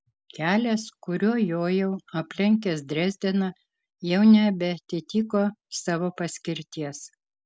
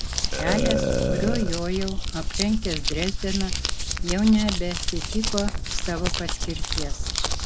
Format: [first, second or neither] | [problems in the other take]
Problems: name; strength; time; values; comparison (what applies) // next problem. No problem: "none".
first | background sound (Crumpling, crinkling + Burping, eructation); 2 dB above the speech